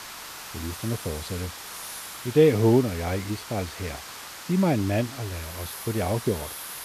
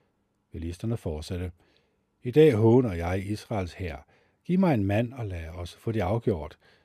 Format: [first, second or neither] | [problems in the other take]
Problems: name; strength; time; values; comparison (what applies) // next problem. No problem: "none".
second | hiss; noticeable; throughout; 10 dB below the speech